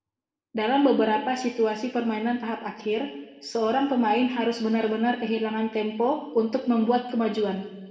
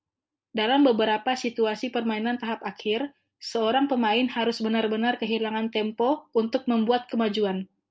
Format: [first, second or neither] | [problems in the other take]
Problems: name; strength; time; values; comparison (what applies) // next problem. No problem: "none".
second | room echo; dies away in 1.1 s